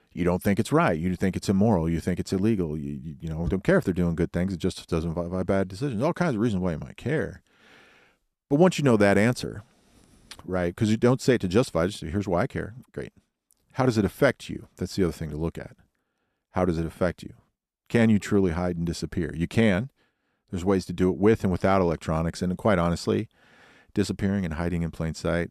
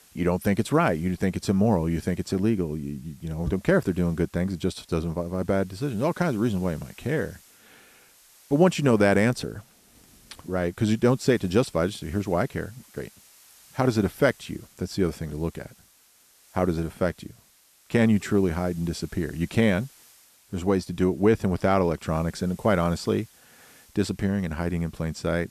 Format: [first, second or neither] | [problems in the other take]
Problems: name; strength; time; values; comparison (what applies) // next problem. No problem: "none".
first | hiss; faint; throughout; 25 dB below the speech